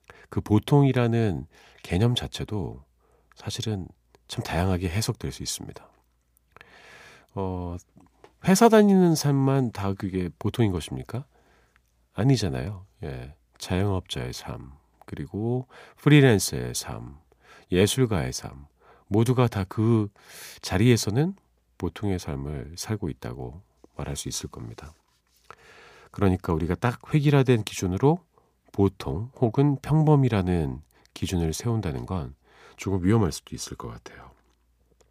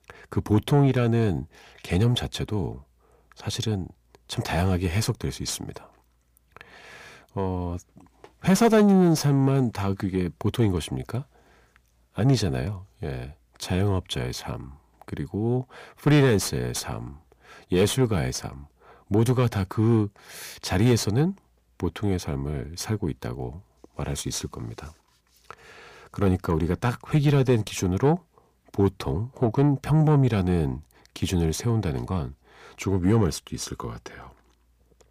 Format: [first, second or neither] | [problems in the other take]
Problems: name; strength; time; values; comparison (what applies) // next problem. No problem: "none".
first | distortion; slight; 10 dB below the speech